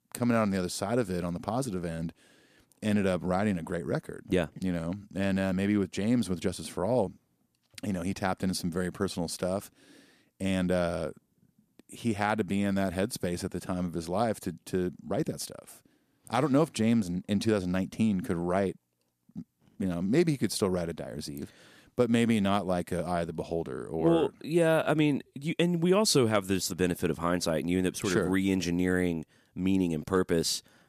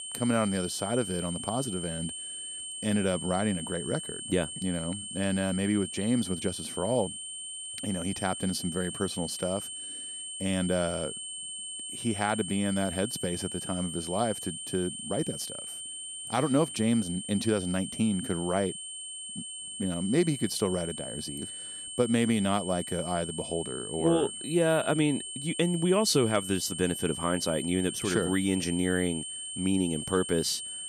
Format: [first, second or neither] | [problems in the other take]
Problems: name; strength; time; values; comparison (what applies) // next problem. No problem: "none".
first | high-pitched whine; loud; throughout; 3 kHz, 6 dB below the speech